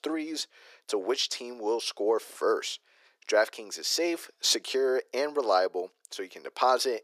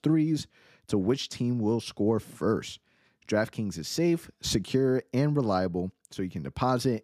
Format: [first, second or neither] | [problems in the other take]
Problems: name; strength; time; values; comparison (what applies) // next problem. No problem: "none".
second | thin; very; fading below 400 Hz